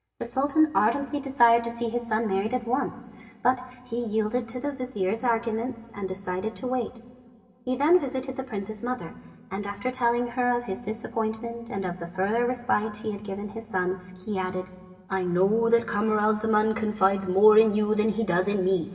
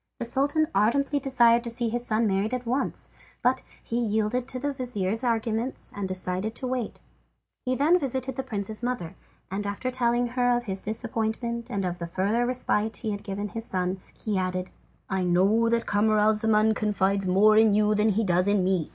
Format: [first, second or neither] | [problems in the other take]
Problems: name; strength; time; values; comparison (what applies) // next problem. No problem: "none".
second | room echo; dies away in 2 s